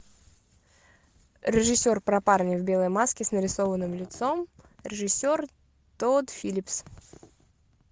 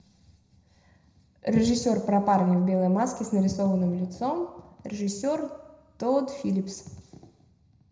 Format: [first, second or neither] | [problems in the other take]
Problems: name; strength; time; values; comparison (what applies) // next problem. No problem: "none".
first | room echo; dies away in 0.7 s